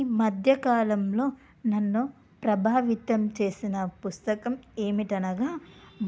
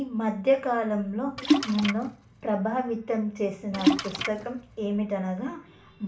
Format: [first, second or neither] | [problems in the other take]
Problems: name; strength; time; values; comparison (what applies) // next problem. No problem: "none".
first | background sound (Splash, splatter); as loud as the speech // room echo; dies away in 0.3 s